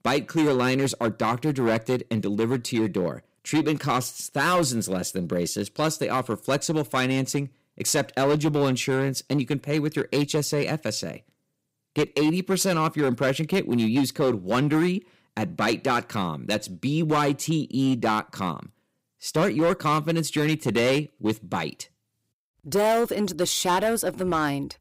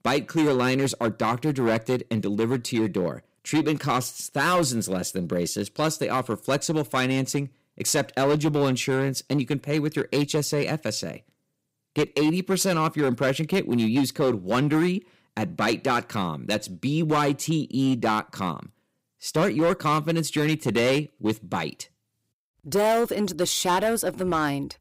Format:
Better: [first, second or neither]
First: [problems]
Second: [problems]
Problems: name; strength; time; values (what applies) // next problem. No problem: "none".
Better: neither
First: distortion; slight; 7% of the sound clipped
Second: distortion; slight; 7% of the sound clipped